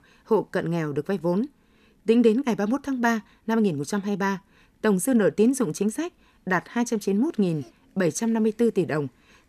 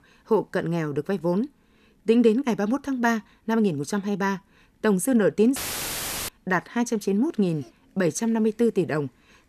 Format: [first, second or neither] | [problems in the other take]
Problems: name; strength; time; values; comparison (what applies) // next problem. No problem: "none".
first | audio cutting out; filled with static; at 5.5 s for 0.5 s